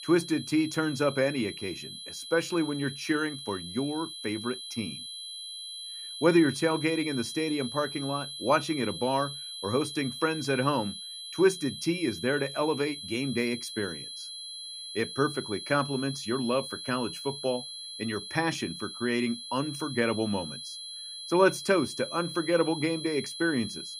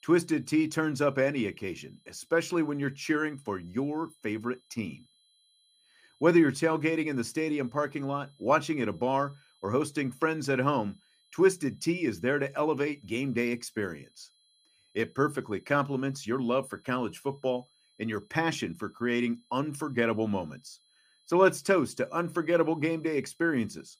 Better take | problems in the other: second | high-pitched whine; loud; throughout; 4 kHz, 9 dB below the speech; faint in the second

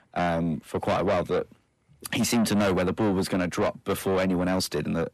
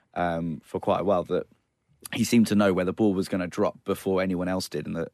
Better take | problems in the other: second | distortion; heavy; 7 dB below the speech

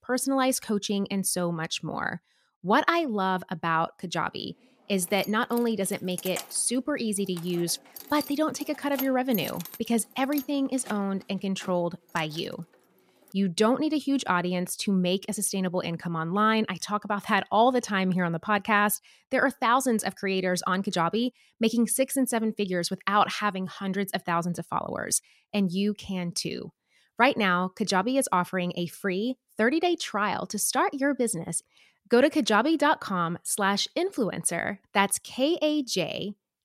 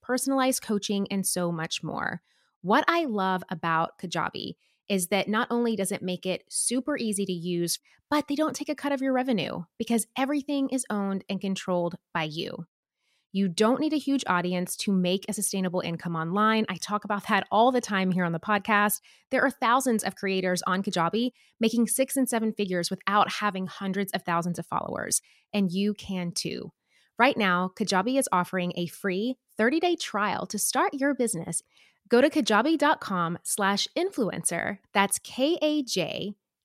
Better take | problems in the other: second | jangling keys; noticeable; from 5 to 12 s; peak 9 dB below the speech

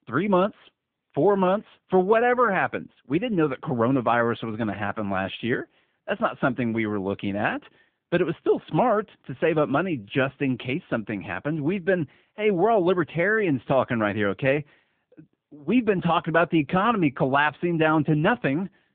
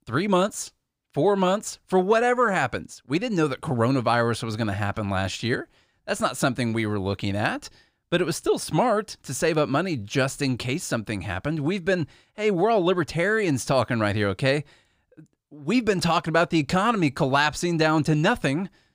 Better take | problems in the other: second | phone-call audio

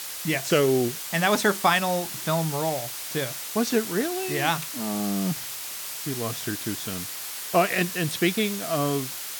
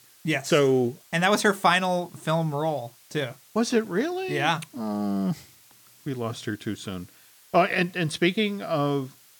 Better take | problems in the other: second | hiss; loud; throughout; 6 dB below the speech; faint in the second

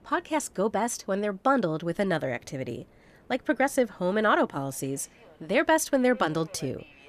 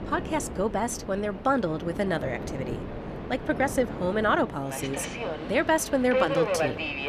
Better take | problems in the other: first | train or aircraft noise; loud; throughout; 5 dB below the speech; faint in the first

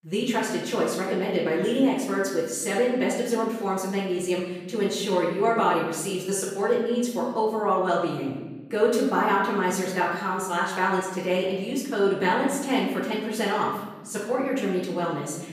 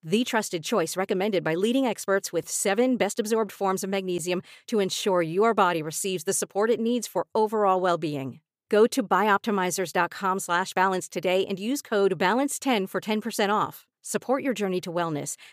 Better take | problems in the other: second | off-mic speech; far // room echo; noticeable; dies away in 1.1 s

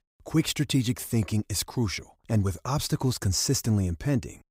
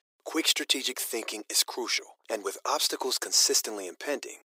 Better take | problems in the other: first | thin; very; fading below 350 Hz

